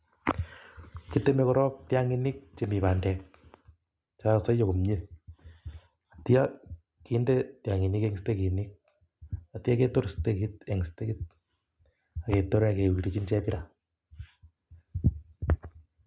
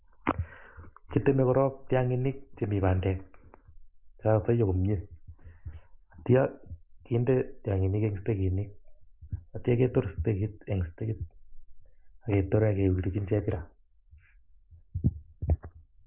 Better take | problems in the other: first | noise reduction (neural mask model Resemble Enhance denoiser)

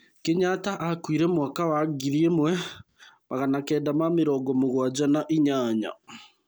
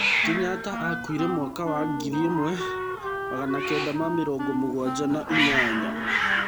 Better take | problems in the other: first | background sound (Hiss + Wind instrument, woodwind instrument); 1 dB above the speech

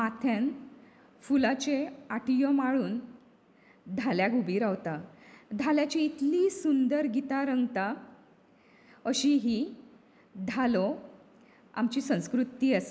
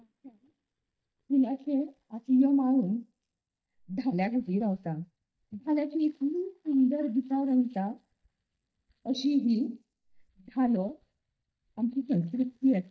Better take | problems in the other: first | noise reduction (neural mask model DeepFilterNet 3)

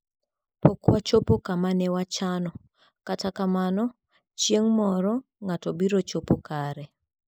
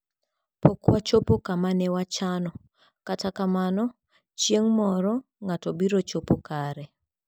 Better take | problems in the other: second | noise reduction (neural mask model Resemble Enhance denoiser)

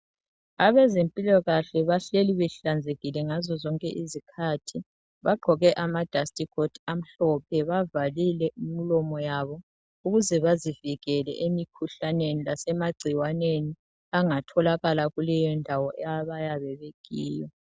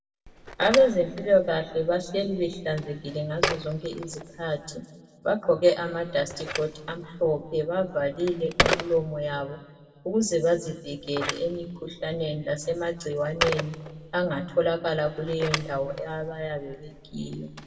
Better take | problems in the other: first | background sound (Telephone); 8 dB below the speech // room echo; dies away in 1.3 s

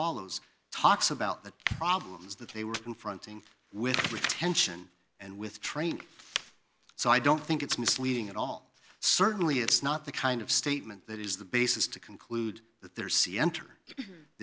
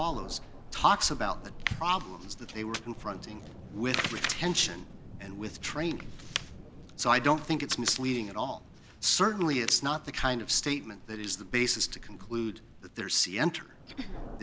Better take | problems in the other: first | background sound (Thunder); 12 dB below the speech

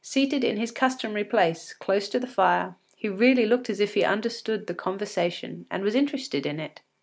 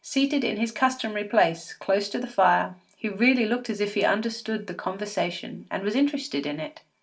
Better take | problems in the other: first | room echo; dies away in 0.2 s

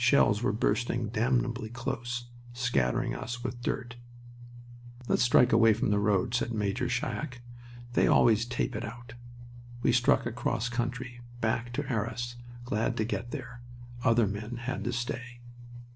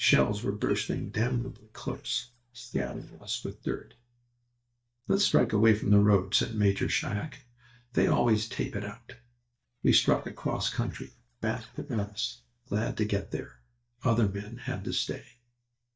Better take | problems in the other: first | noise reduction (neural mask model DeepFilterNet 3)

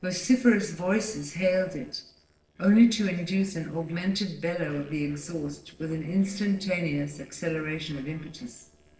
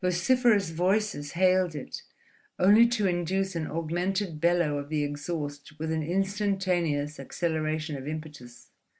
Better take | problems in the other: second | noise reduction (neural separator model SepFormer DNS4)

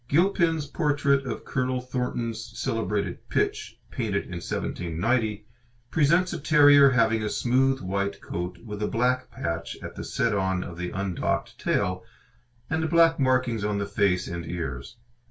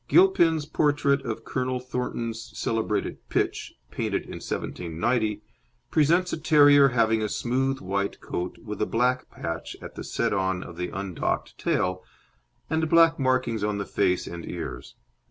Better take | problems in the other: second | room echo; dies away in 0.2 s

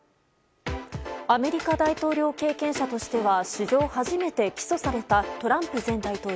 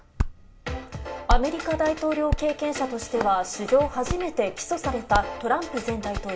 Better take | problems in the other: first | background sound (Hands); 5 dB below the speech // room echo; dies away in 0.4 s

